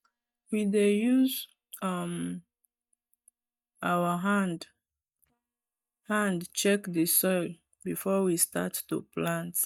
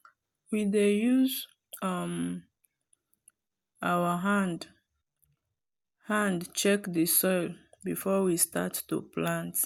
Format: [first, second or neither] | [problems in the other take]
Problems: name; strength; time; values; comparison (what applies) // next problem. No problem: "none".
second | noise reduction (neural mask model DeepFilterNet 3)